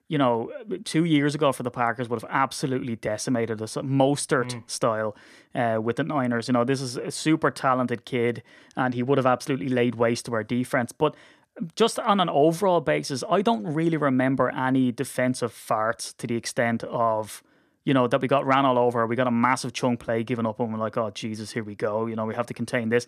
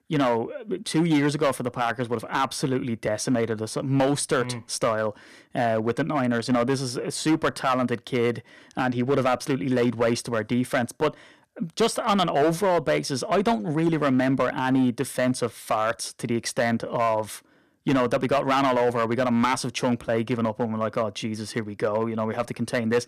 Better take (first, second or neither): first